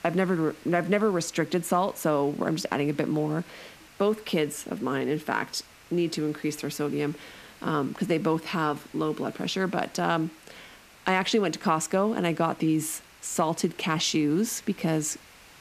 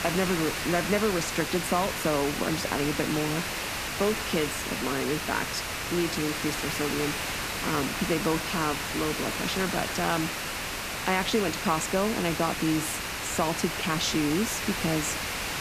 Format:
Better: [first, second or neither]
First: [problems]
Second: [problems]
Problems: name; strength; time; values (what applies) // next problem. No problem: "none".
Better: first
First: hiss; faint; throughout; 25 dB below the speech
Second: hiss; loud; throughout; 1 dB below the speech